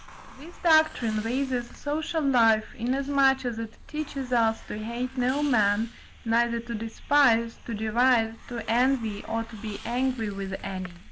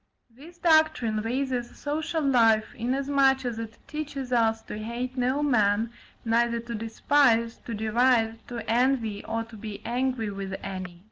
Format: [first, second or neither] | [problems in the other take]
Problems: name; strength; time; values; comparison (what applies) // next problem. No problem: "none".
second | background sound (Hiss); 17 dB below the speech